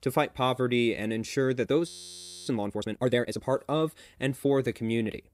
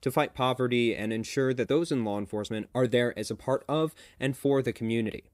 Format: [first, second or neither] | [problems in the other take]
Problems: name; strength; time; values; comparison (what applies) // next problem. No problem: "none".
second | audio freezing; at 2 s for 0.5 s